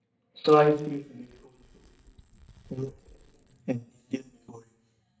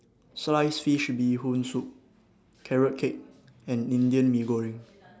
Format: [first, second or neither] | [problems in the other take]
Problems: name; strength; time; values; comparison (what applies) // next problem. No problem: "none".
second | noise reduction (neural mask model DeepFilterNet 3)